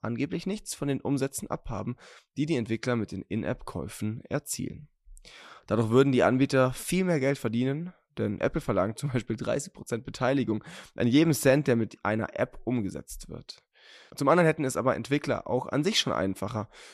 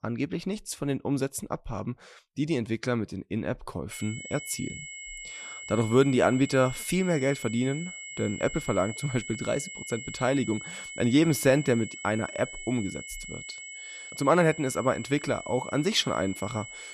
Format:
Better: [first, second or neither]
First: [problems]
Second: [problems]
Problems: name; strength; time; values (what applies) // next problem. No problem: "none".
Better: first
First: none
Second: high-pitched whine; noticeable; from 4 s on; 2 kHz, 10 dB below the speech